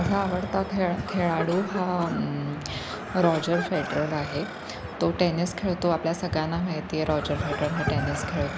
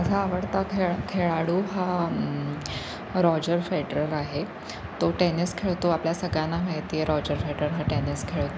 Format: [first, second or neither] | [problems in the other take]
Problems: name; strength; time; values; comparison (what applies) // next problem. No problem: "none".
second | background sound (Cough + Chicken, rooster); 12 dB below the speech